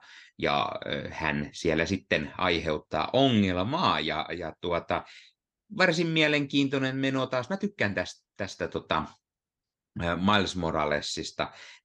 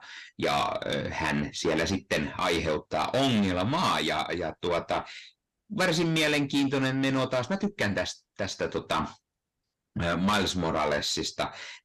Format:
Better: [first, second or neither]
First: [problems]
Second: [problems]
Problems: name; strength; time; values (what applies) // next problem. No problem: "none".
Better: first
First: none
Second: distortion; heavy; 7 dB below the speech